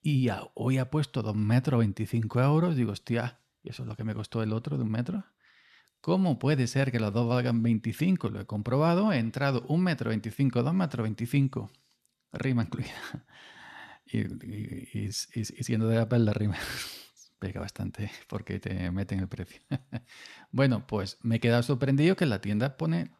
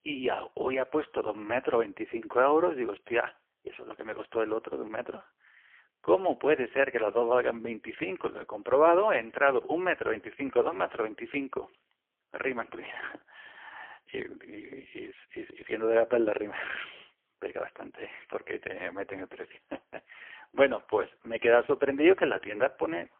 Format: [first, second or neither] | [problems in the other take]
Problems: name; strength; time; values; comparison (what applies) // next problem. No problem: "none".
first | phone-call audio; poor line